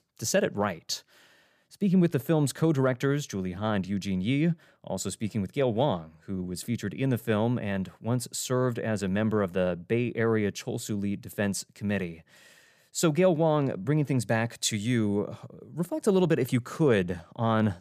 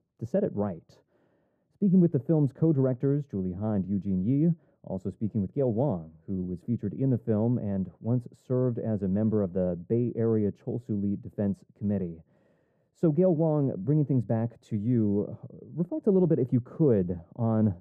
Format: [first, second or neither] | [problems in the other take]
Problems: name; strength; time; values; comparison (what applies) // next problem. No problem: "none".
first | muffled; very; fading above 1.5 kHz